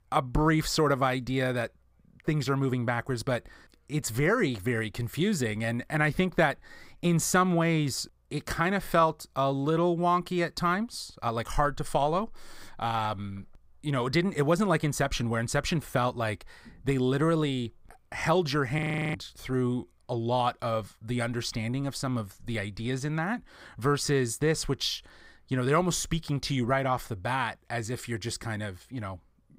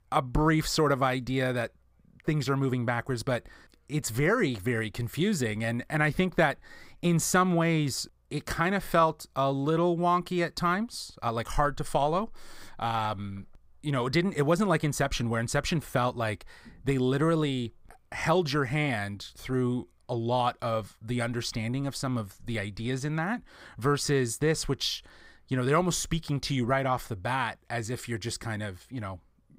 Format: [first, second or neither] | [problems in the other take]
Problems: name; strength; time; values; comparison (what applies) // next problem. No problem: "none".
second | audio freezing; at 19 s